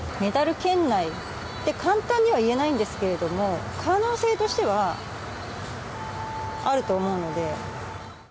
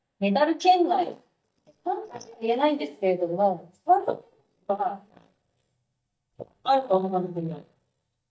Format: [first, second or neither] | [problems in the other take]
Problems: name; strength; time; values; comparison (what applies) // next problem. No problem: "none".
first | noise reduction (neural mask model DeepFilterNet 3)